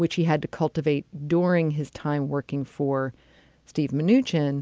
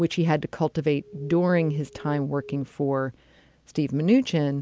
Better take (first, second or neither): first